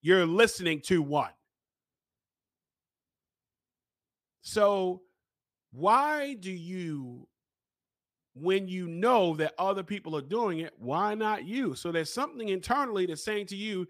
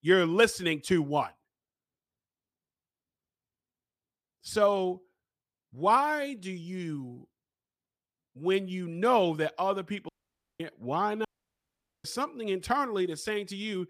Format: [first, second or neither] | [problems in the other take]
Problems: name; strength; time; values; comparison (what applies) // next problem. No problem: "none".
first | audio cutting out; at 10 s for 0.5 s and at 11 s for 1 s